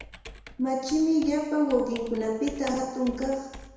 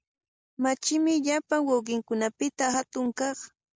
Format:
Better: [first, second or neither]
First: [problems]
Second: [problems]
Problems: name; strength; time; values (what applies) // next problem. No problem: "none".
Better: second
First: background sound (Computer keyboard); 18 dB below the speech // room echo; dies away in 1 s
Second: none